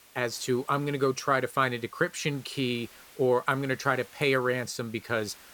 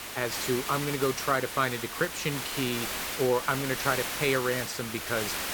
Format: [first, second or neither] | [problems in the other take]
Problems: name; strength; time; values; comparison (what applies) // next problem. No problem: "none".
first | hiss; loud; throughout; 3 dB below the speech; faint in the first